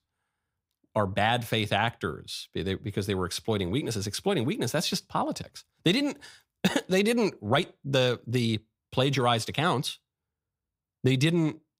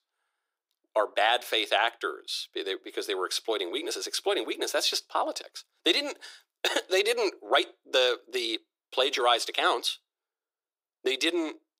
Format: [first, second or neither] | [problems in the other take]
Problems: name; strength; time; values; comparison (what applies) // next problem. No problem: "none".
first | thin; very; fading below 350 Hz